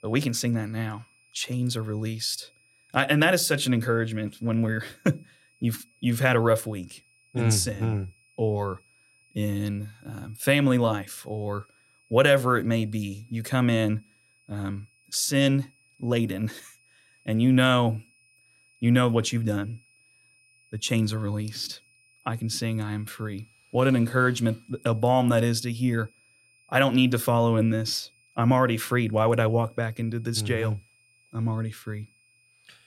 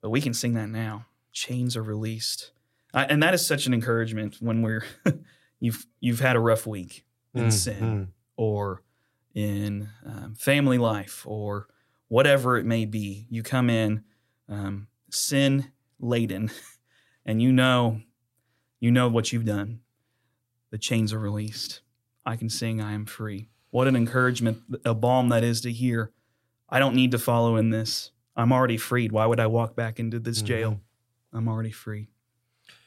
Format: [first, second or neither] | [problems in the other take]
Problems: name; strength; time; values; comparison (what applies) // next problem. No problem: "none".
second | high-pitched whine; faint; throughout; 2.5 kHz, 35 dB below the speech